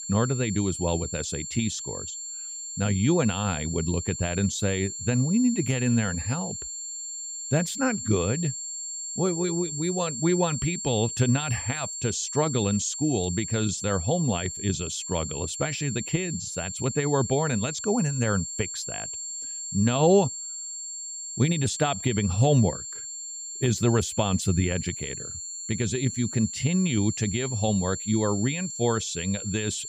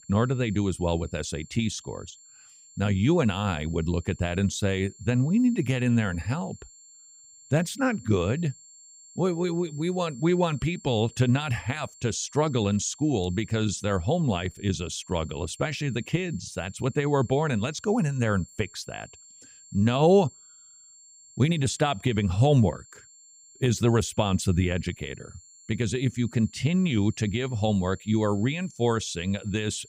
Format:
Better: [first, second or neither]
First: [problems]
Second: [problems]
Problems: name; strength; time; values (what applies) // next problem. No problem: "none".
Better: second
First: high-pitched whine; loud; throughout; 7.5 kHz, 6 dB below the speech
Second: high-pitched whine; faint; throughout; 7.5 kHz, 25 dB below the speech